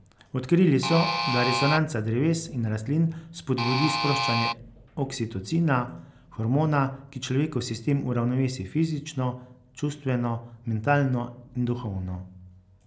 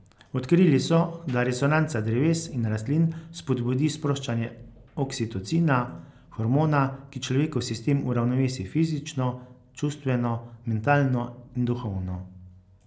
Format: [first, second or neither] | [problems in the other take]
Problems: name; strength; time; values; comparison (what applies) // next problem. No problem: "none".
second | background sound (Alarm); 1 dB below the speech